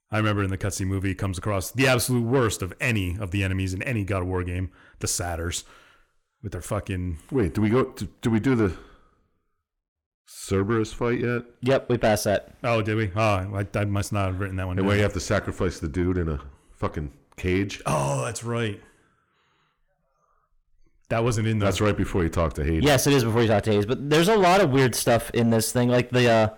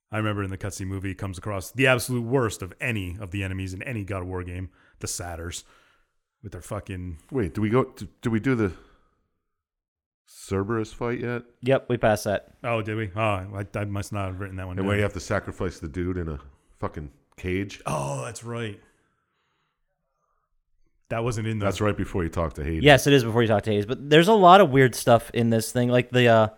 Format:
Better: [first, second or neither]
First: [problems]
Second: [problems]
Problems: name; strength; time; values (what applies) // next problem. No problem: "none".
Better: second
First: distortion; heavy; 6 dB below the speech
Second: none